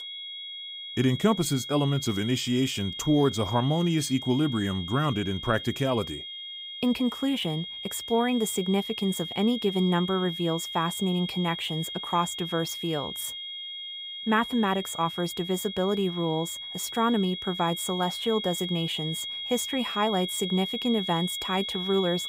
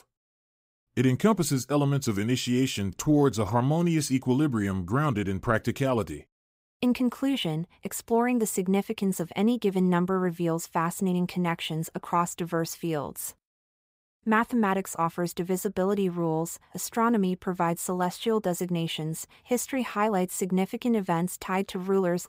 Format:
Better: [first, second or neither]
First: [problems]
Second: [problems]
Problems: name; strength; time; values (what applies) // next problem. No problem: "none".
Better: second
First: high-pitched whine; loud; throughout; 3.5 kHz, 6 dB below the speech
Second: none